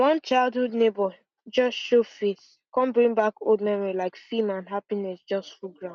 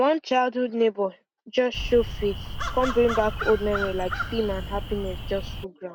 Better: first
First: none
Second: background sound (Crow); 6 dB below the speech

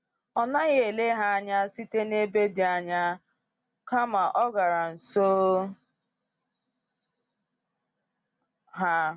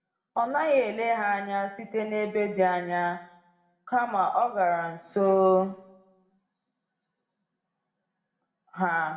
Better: first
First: none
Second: room echo; dies away in 0.8 s

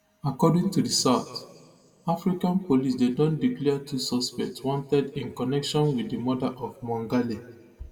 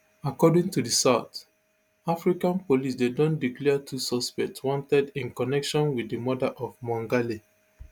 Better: second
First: room echo; dies away in 1.2 s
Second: none

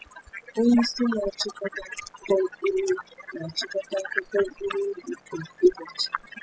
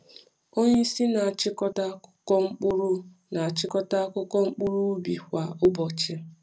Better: second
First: noise reduction (classical method spectral subtraction)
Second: none

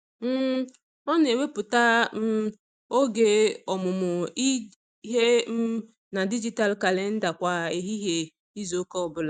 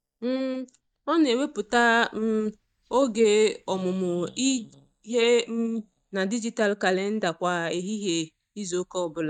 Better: first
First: none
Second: noise reduction (neural mask model DeepFilterNet 3)

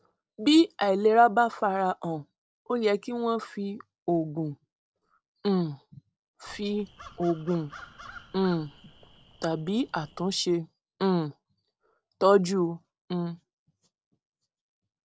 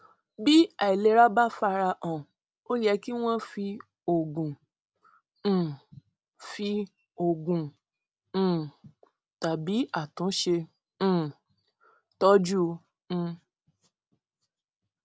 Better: second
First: noise reduction (neural separator model SepFormer DNS4)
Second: none

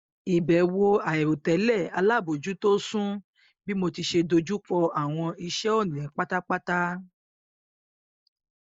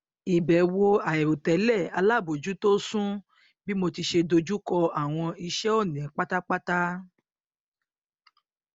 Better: second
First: noise reduction (neural mask model Resemble Enhance denoiser)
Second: none

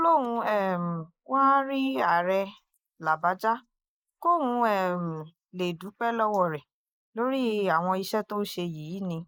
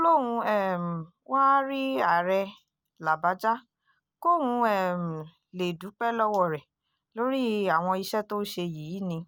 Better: second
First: noise reduction (neural mask model Resemble Enhance denoiser)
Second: none

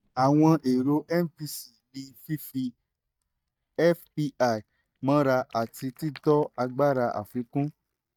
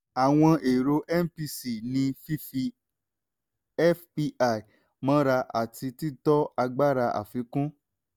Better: second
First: noise reduction (neural mask model DeepFilterNet 3)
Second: none

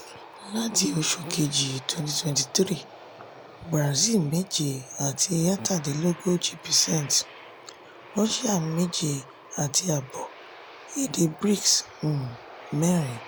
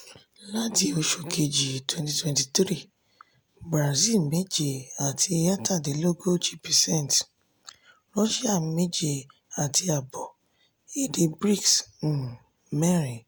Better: second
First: background sound (Aircraft); 18 dB below the speech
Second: none

